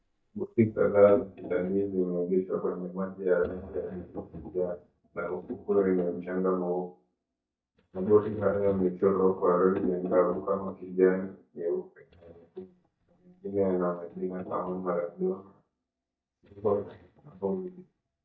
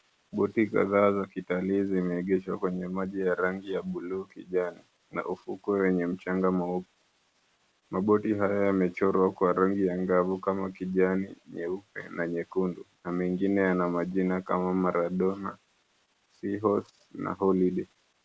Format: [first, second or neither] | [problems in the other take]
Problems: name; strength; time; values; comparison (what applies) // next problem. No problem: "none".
second | noise reduction (neural mask model DeepFilterNet 3)